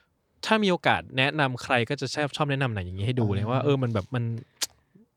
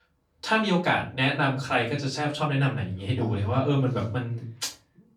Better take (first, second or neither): first